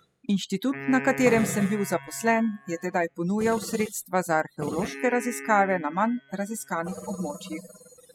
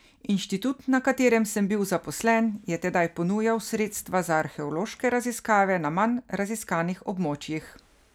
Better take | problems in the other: second | noise reduction (classical method spectral subtraction)

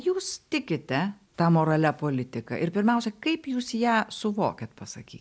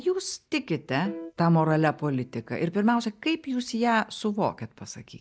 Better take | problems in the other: first | noise reduction (neural mask model DeepFilterNet 3)

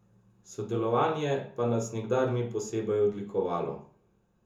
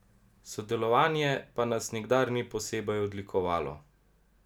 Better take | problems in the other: second | room echo; dies away in 0.6 s

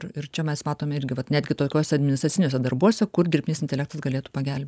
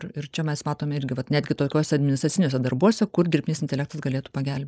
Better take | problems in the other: first | noise reduction (neural mask model Resemble Enhance denoiser)

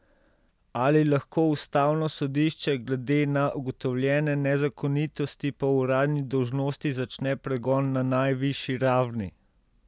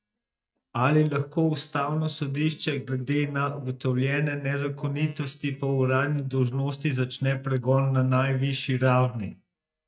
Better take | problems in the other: first | noise reduction (neural mask model DeepFilterNet 3)

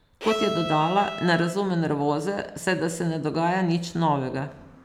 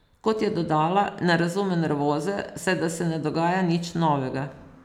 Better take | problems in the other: second | background sound (Bowed string instrument); 8 dB below the speech

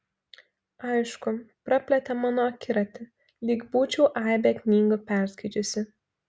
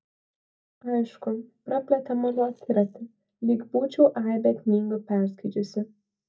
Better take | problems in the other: first | noise reduction (neural mask model DeepFilterNet 3)

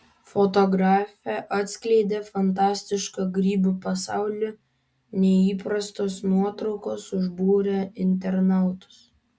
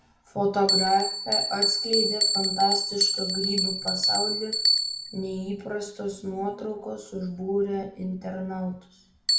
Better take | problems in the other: first | background sound (Bell); 1 dB above the speech // room echo; dies away in 0.5 s

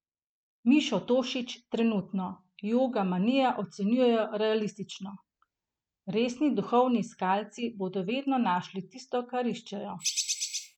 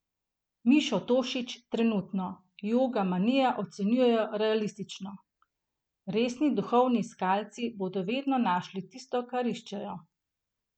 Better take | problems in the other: second | noise reduction (neural mask model RNNoise)

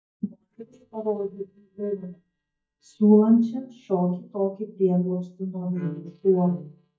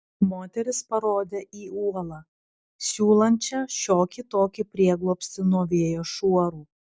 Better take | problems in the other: second | noise reduction (neural mask model DeepFilterNet 3)

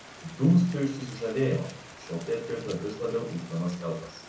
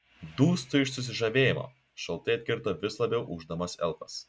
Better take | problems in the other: second | background sound (Rain); 17 dB below the speech // room echo; dies away in 0.6 s

